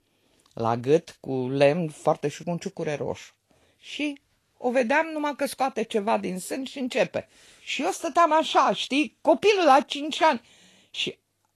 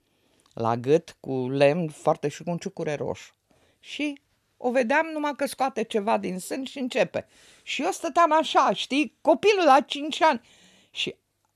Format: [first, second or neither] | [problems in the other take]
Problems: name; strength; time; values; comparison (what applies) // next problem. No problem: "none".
second | garbled, watery; slightly; nothing above 13.5 kHz